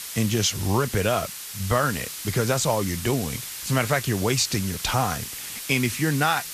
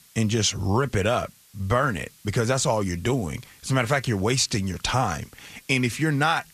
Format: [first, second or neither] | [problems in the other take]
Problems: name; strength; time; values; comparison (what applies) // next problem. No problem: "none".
second | hiss; loud; throughout; 8 dB below the speech; faint in the second